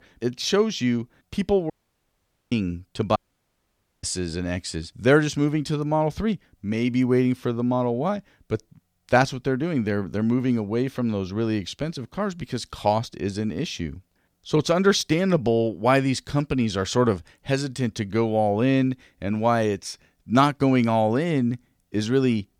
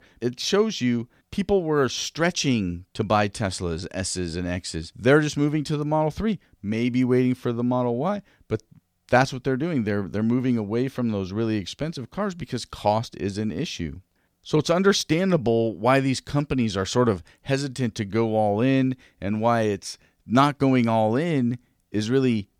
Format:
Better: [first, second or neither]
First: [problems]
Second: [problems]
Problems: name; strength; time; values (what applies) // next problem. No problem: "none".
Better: second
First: audio cutting out; at 1.5 s for 1 s and at 3 s for 1 s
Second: none